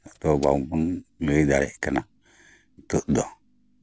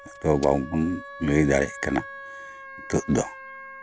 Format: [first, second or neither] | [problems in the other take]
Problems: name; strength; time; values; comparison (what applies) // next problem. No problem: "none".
first | background sound (Wind instrument, woodwind instrument); 15 dB below the speech